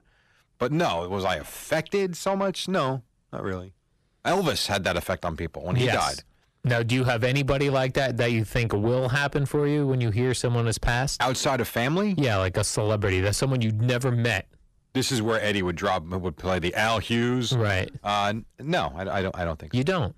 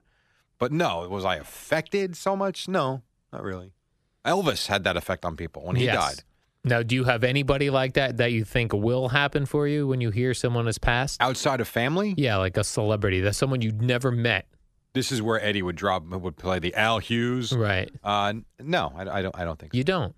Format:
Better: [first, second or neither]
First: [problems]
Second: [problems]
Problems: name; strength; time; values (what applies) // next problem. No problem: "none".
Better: second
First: distortion; slight; 10 dB below the speech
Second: none